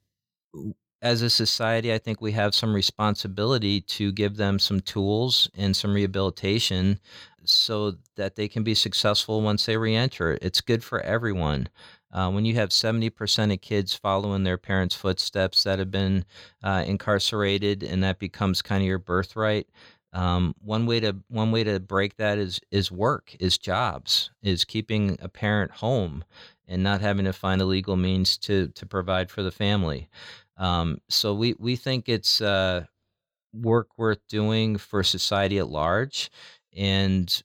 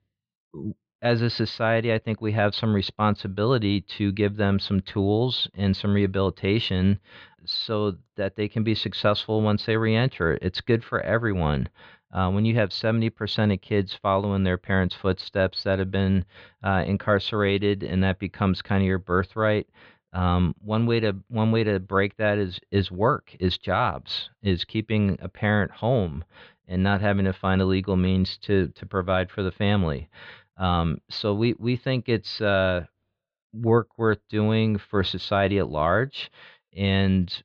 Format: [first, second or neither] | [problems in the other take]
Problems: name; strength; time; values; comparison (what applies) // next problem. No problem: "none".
first | muffled; slightly; fading above 3 kHz